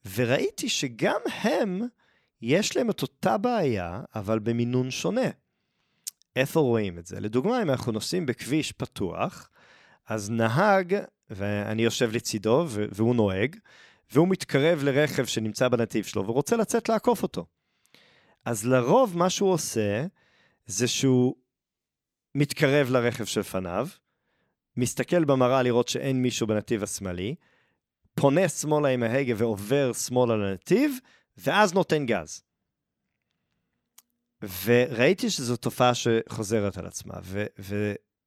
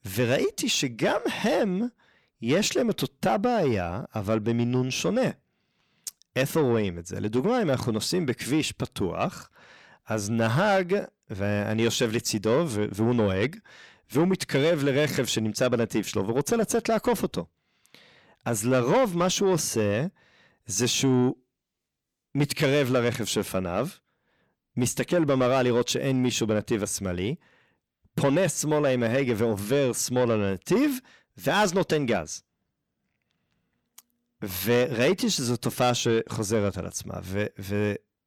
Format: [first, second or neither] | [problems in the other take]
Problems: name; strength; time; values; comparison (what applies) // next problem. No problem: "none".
first | distortion; slight; 10 dB below the speech